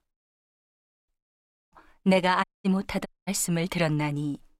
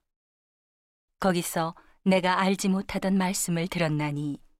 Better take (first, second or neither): second